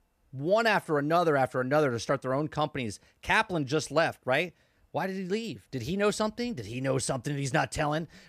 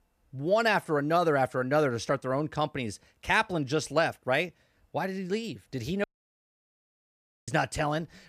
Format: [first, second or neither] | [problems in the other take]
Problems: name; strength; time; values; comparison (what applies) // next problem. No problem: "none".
first | audio cutting out; at 6 s for 1.5 s